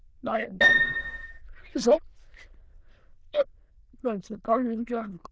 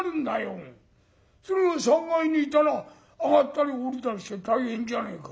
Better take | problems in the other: second | noise reduction (neural diffusion model UNIVERSE++)

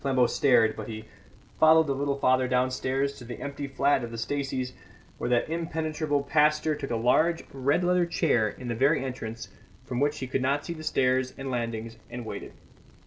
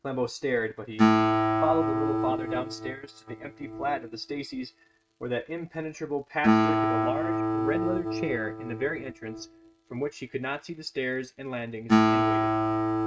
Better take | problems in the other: first | noise reduction (neural mask model RNNoise)

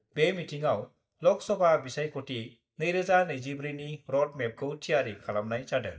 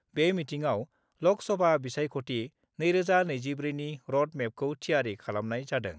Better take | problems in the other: second | noise reduction (neural mask model DeepFilterNet 3)

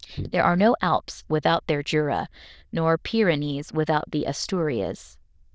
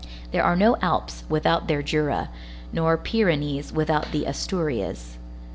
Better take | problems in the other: second | noise reduction (neural diffusion model UNIVERSE++)

